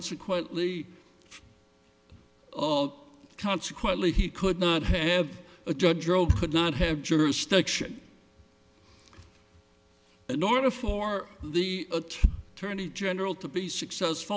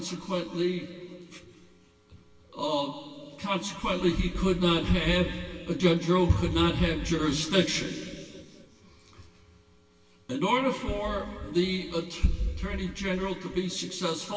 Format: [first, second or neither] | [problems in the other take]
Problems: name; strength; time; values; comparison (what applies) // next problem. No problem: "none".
first | room echo; dies away in 2.4 s